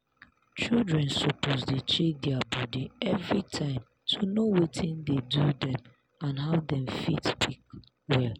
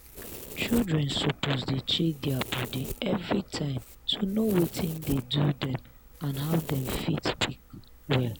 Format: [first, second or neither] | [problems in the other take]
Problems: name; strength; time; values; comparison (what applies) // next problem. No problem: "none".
first | background sound (Domestic sounds, home sounds); 14 dB below the speech